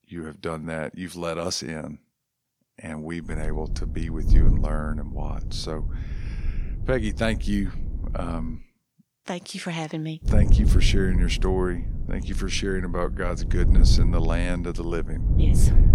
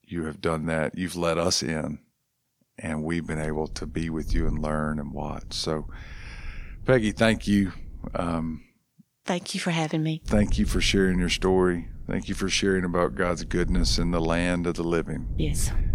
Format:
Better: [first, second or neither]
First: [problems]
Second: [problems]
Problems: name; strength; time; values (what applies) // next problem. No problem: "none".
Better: second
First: wind noise on the microphone; heavy; from 3.5 to 8.5 s and from 10 s on; 10 dB below the speech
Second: wind noise on the microphone; occasional gusts; from 3.5 to 8.5 s and from 10 s on; 25 dB below the speech